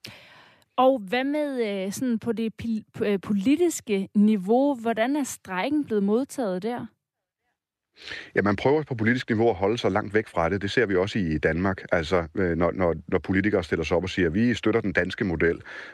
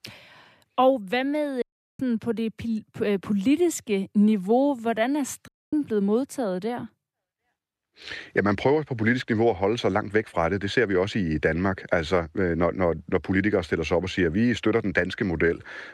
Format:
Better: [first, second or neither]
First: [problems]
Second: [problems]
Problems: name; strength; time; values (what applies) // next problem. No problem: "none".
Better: first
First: none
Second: audio cutting out; at 1.5 s and at 5.5 s